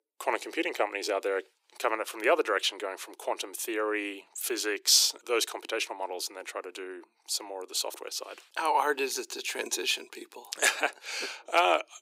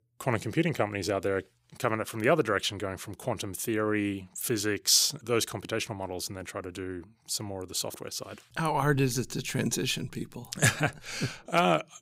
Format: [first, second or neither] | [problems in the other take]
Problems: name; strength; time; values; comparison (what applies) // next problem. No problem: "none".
second | thin; very; fading below 350 Hz